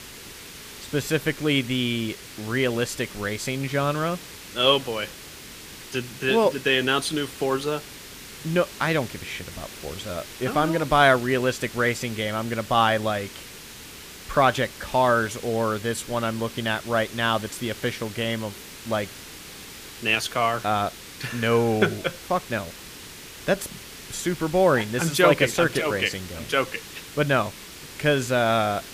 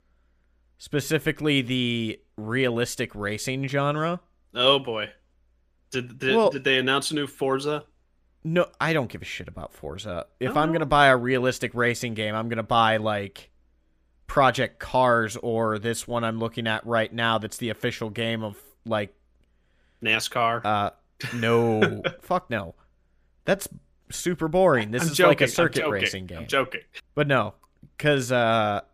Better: second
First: hiss; noticeable; throughout; 15 dB below the speech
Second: none

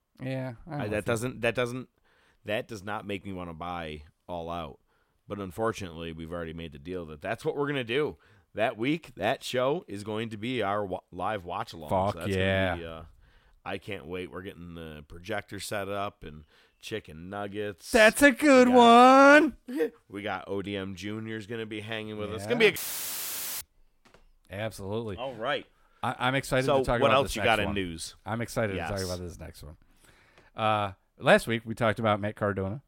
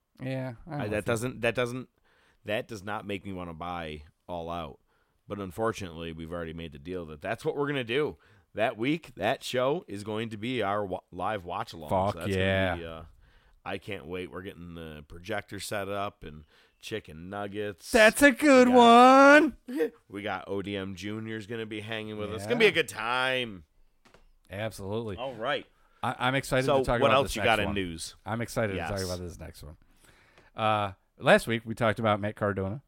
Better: second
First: audio cutting out; filled with static; at 23 s for 1 s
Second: none

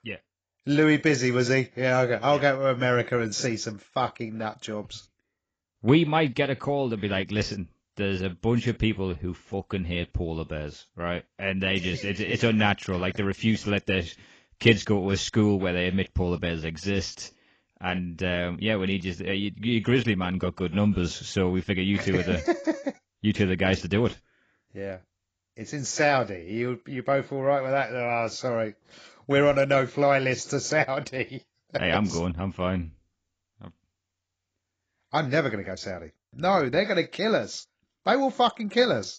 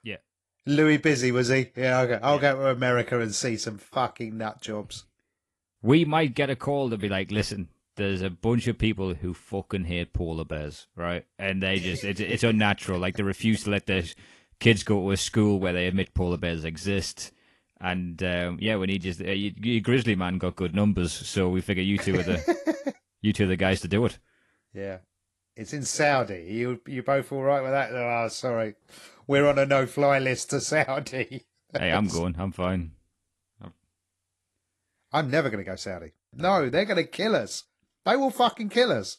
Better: second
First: garbled, watery; badly; nothing above 7.5 kHz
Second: garbled, watery; slightly; nothing above 11.5 kHz

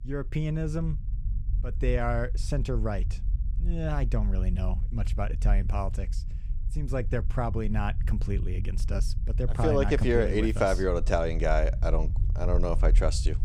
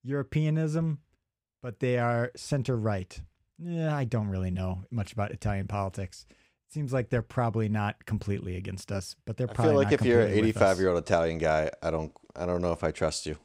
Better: second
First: low rumble; noticeable; throughout; 20 dB below the speech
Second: none

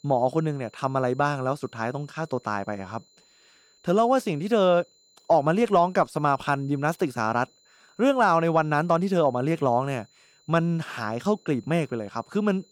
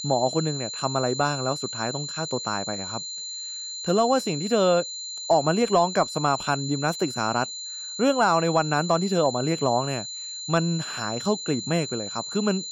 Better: first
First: high-pitched whine; faint; throughout; 4 kHz, 35 dB below the speech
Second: high-pitched whine; loud; throughout; 4 kHz, 7 dB below the speech

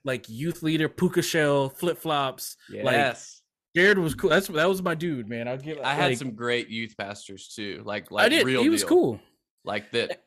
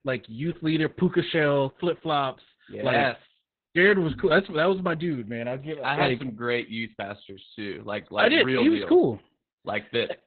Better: first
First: none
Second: garbled, watery; badly; nothing above 4 kHz

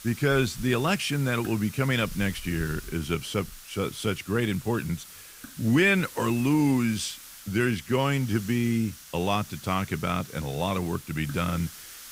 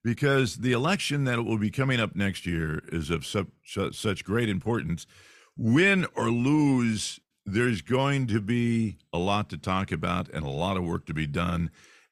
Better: second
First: hiss; noticeable; throughout; 15 dB below the speech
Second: none

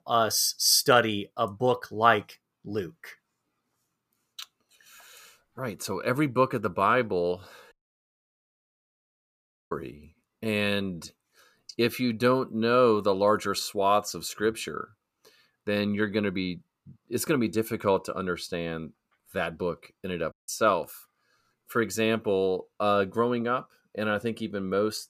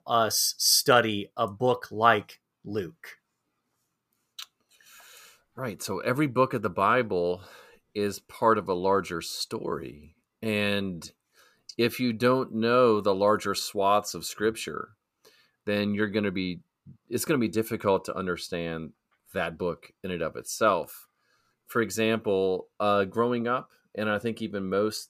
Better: second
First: audio cutting out; at 7.5 s for 2 s and at 20 s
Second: none

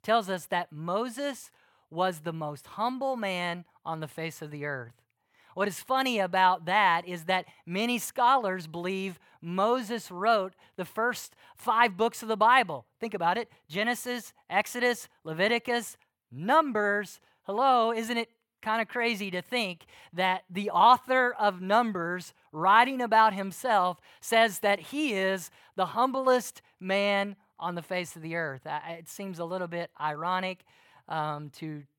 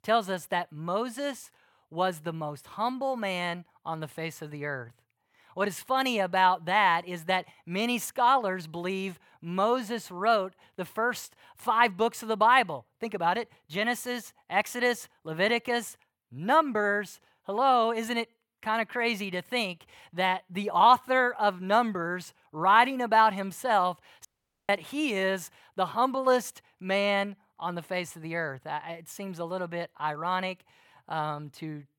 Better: first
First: none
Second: audio cutting out; at 24 s

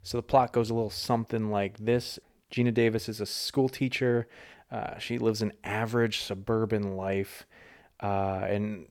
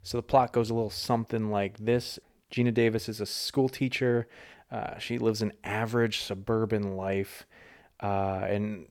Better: neither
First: none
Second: none

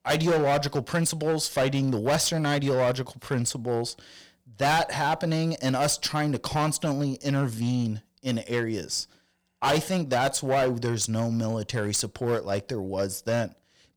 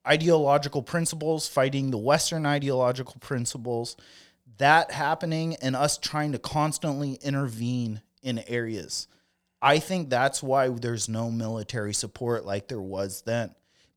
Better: second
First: distortion; heavy; 9% of the sound clipped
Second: none

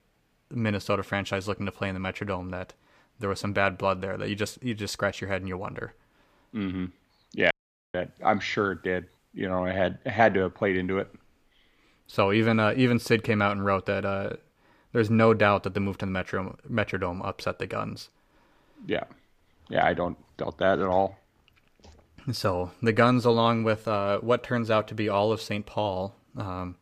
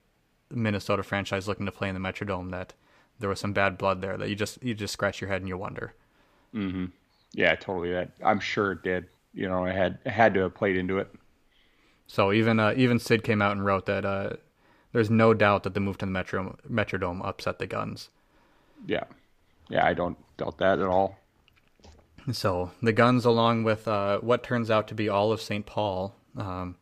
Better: second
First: audio cutting out; at 7.5 s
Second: none

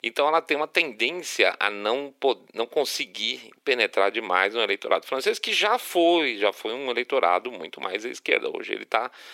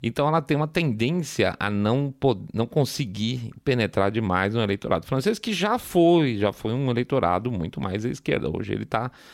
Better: second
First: thin; very; fading below 400 Hz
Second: none

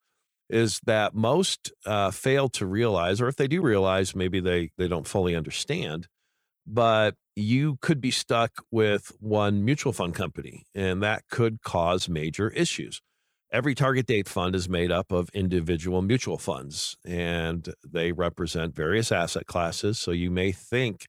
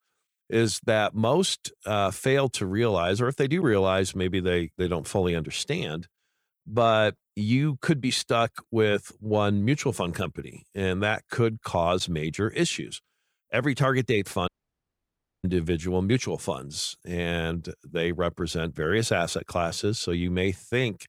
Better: first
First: none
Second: audio cutting out; at 14 s for 1 s

